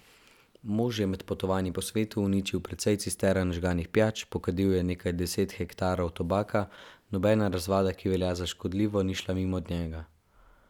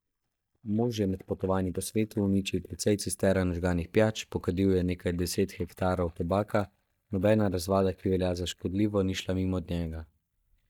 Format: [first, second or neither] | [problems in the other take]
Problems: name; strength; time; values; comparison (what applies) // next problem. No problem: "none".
first | noise reduction (neural mask model DeepFilterNet 3)